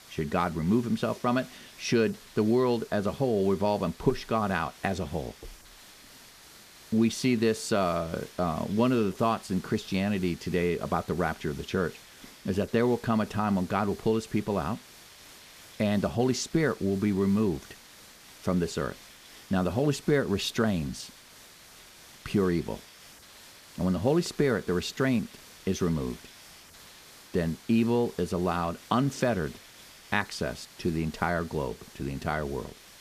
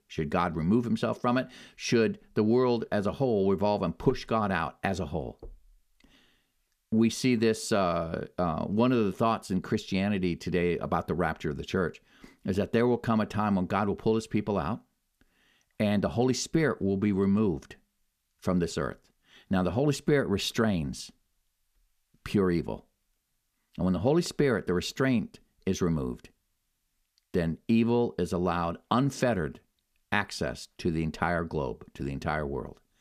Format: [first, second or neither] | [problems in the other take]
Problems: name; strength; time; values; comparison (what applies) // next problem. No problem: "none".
second | hiss; faint; throughout; 20 dB below the speech